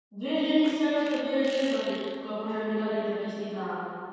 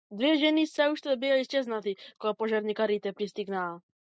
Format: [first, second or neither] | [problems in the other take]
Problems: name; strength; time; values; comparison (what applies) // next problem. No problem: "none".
second | background sound (Fart); 18 dB below the speech // room echo; dies away in 2.1 s